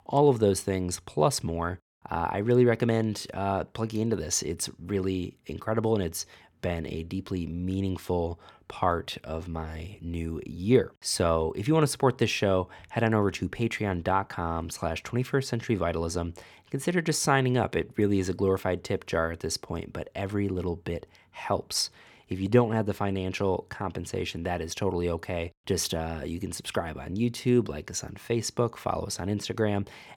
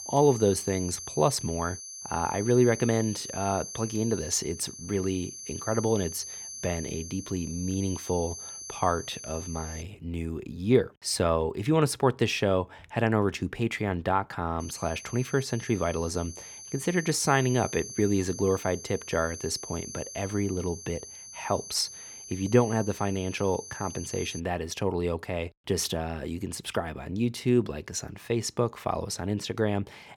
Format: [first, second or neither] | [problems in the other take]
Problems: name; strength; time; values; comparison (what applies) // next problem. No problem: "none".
first | high-pitched whine; noticeable; until 10 s and from 15 to 24 s; 6 kHz, 10 dB below the speech